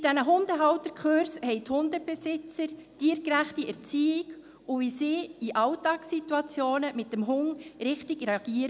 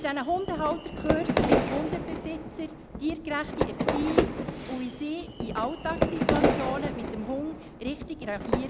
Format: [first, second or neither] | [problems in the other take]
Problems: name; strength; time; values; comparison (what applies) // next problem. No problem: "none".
first | background sound (Fire / Fireworks); 3 dB above the speech